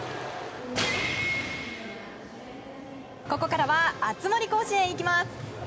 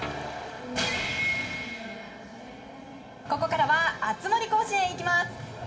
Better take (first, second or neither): first